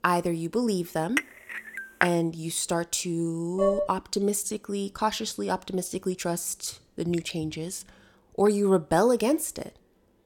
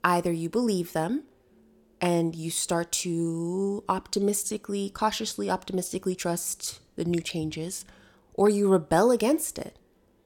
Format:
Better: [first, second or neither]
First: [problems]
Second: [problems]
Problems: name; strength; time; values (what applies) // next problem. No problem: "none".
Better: second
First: clattering dishes; noticeable; at 1 s; peak level with the speech // clattering dishes; loud; at 3.5 s; peak 1 dB above the speech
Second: none